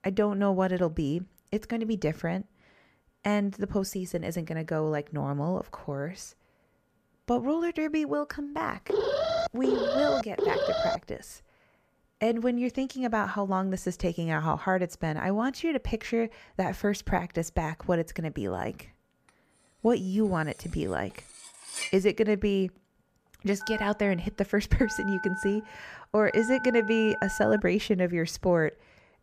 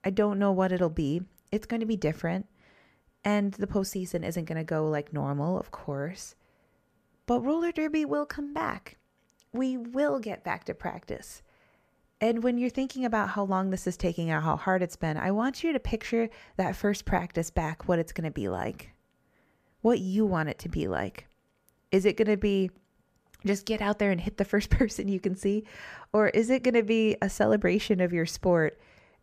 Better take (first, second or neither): second